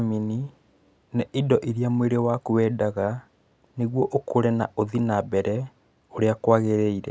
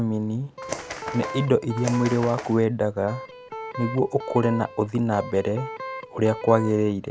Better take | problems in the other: first | background sound (Electric guitar + Bird); 11 dB below the speech

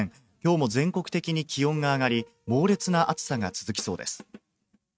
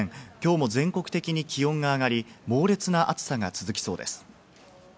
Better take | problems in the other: second | noise reduction (neural mask model RNNoise)

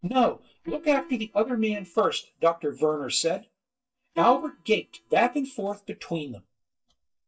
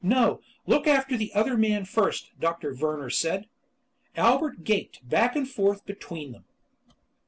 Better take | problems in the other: second | noise reduction (neural mask model DeepFilterNet 3)

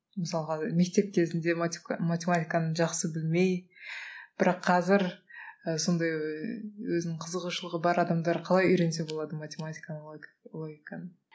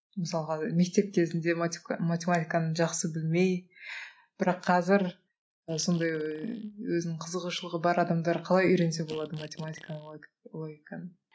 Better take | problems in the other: first | noise reduction (neural mask model RNNoise)

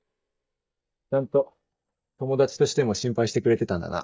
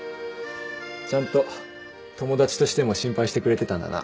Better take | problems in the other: second | noise reduction (neural mask model DeepFilterNet 3)

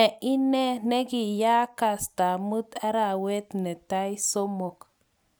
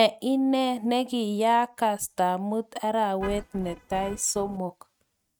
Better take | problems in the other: first | noise reduction (neural mask model RNNoise)

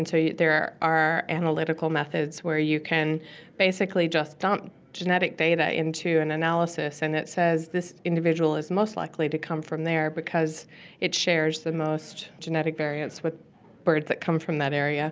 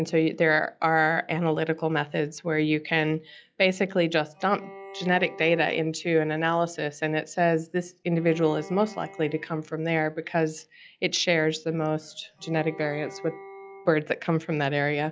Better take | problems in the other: first | noise reduction (classical method log-MMSE)

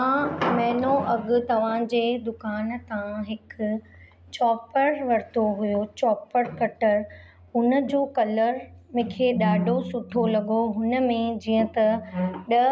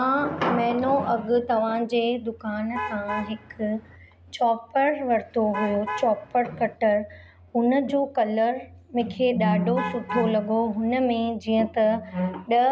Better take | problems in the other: first | background sound (Alarm / Truck); 10 dB below the speech

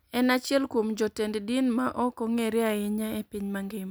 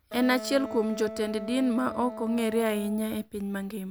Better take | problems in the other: first | background sound (Wind instrument, woodwind instrument); 12 dB below the speech

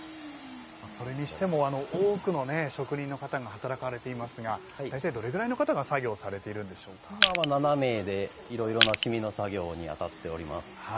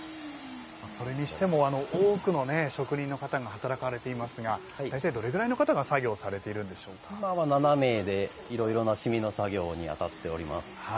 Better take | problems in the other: second | background sound (Crushing); 4 dB above the speech

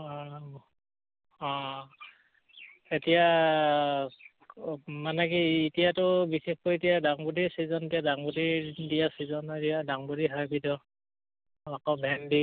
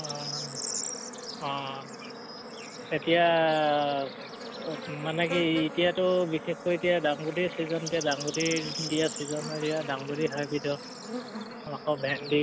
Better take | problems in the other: first | background sound (Bird / Insect); 9 dB below the speech

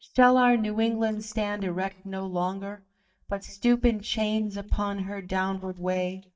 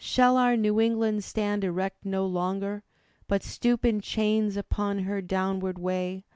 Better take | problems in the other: second | noise reduction (neural mask model DeepFilterNet 3)

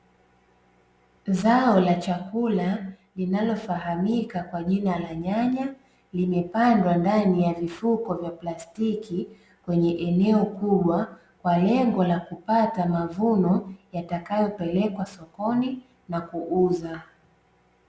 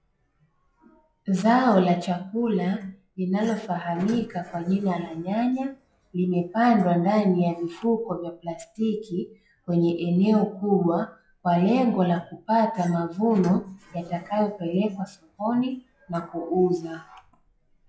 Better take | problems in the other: first | noise reduction (classical method log-MMSE)

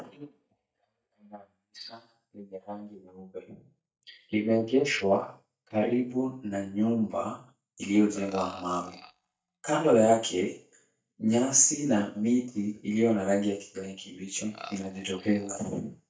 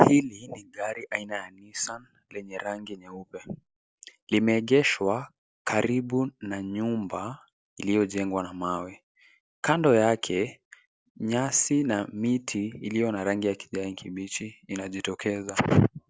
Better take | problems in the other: second | noise reduction (neural mask model DeepFilterNet 3)

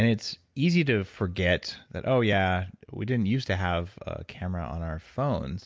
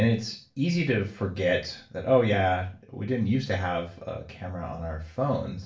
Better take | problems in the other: first | room echo; dies away in 0.3 s

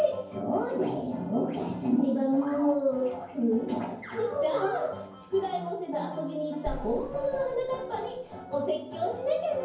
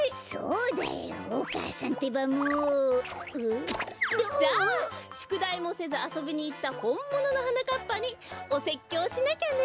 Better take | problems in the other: second | background sound (Boom); 13 dB below the speech // room echo; dies away in 0.9 s

